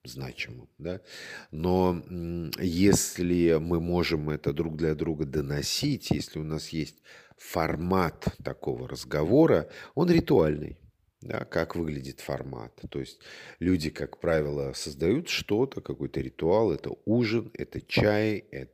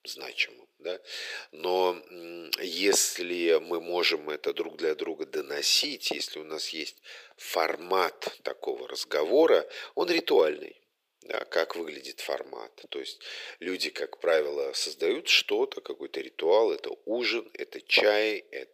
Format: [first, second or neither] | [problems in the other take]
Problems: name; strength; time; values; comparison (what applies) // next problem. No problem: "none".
first | thin; very; fading below 450 Hz